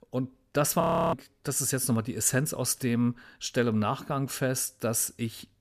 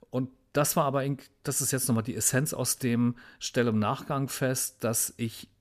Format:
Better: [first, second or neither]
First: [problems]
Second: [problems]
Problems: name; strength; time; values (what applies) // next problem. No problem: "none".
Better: second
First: audio freezing; at 1 s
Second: none